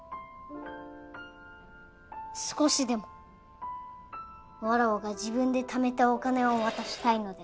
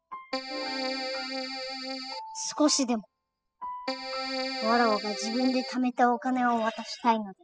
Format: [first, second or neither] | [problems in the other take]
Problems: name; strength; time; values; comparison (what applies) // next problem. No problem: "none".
first | noise reduction (classical method spectral subtraction)